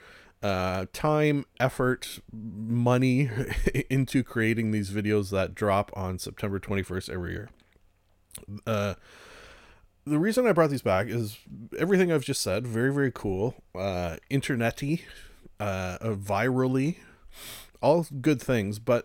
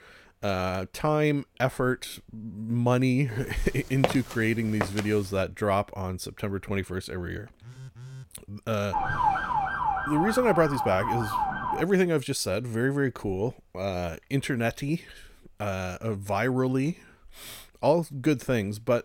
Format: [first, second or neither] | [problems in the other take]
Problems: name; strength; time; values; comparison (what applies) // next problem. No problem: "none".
first | footsteps; noticeable; at 4 s; peak 1 dB below the speech // phone ringing; faint; at 7.5 s; peak 15 dB below the speech // siren; loud; from 9 to 12 s; peak 3 dB above the speech